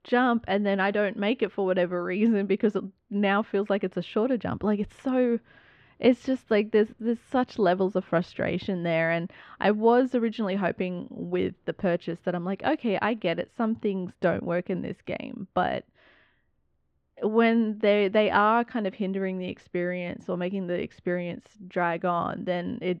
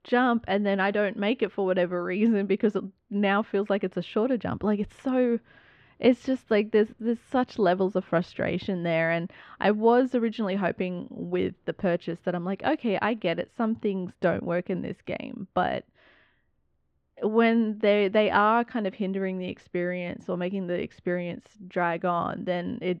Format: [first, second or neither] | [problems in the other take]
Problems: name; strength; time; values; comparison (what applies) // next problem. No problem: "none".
neither | muffled; very; fading above 1.5 kHz; the same in both